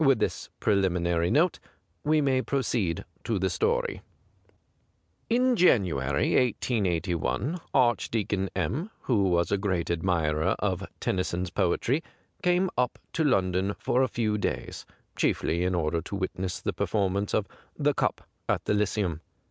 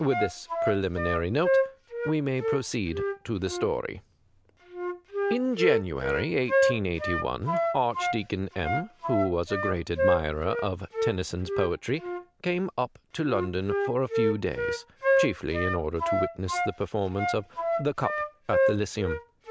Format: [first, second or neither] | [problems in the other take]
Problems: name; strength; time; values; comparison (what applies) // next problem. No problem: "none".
first | background sound (Wind instrument, woodwind instrument); as loud as the speech